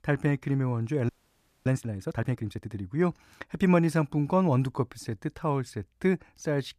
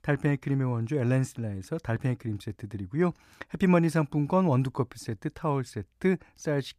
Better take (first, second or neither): second